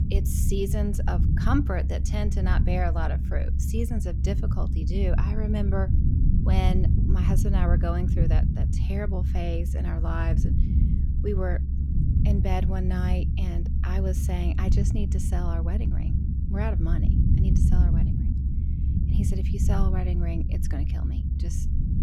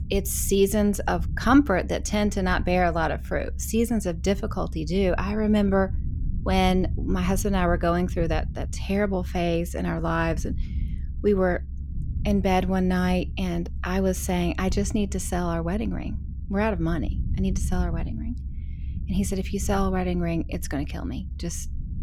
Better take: second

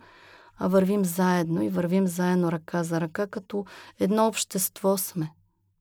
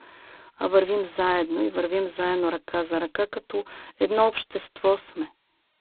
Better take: first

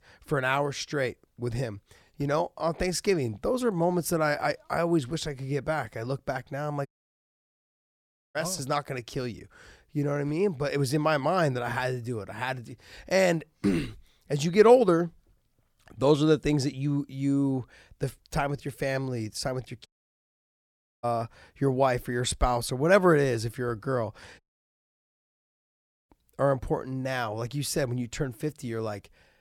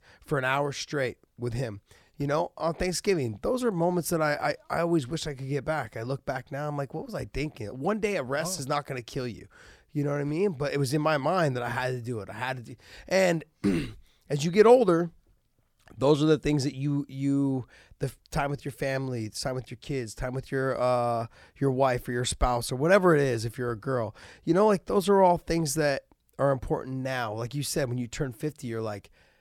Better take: second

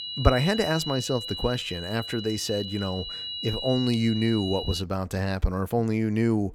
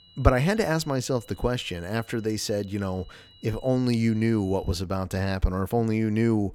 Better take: second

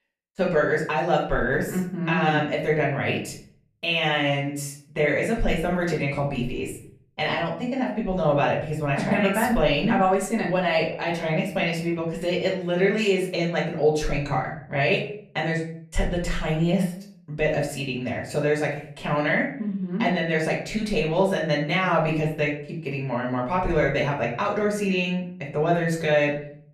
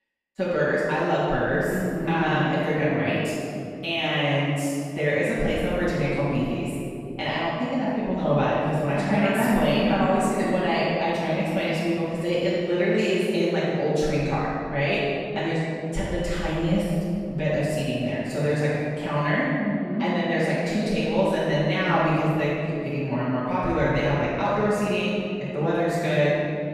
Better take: first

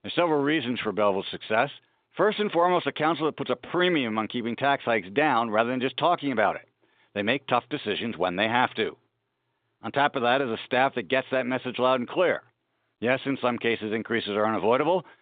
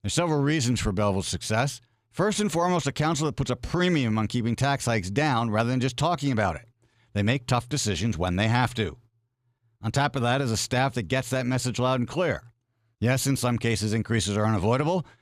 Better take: second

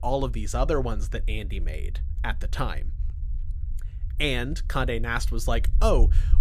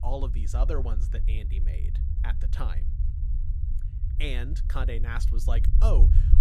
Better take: first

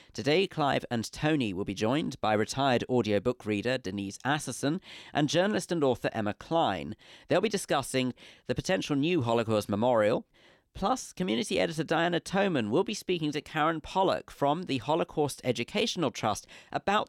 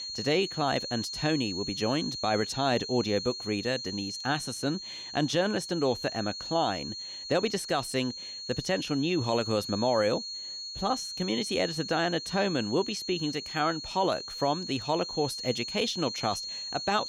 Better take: first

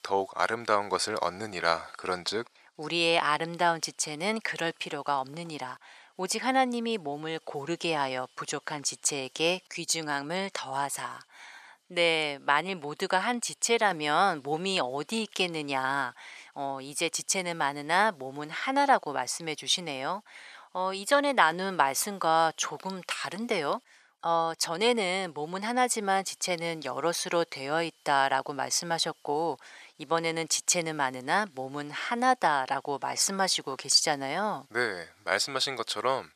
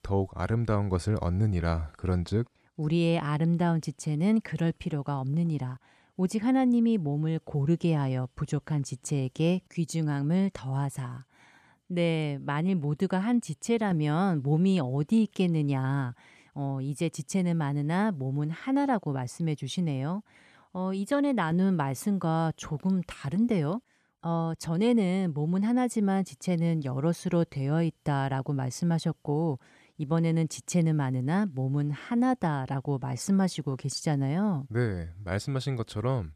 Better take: second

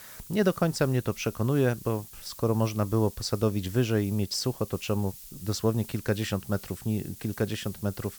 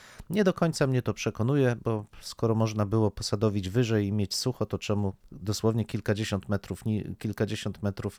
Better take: second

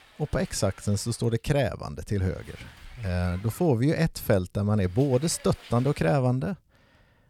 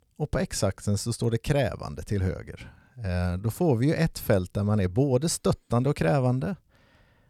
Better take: second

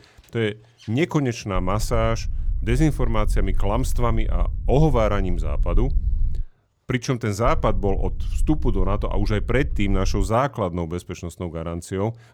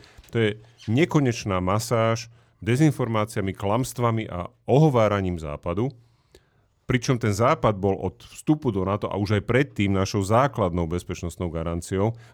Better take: second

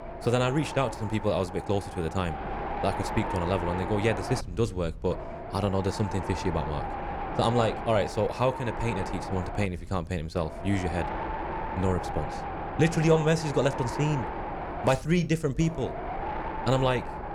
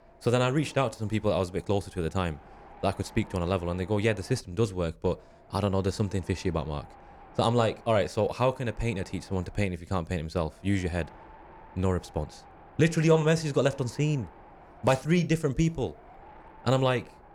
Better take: second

